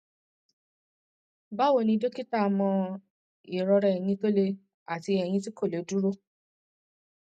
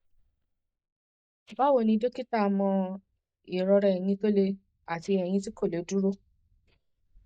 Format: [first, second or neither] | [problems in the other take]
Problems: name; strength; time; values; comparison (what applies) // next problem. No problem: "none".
first | noise reduction (neural mask model DeepFilterNet 3)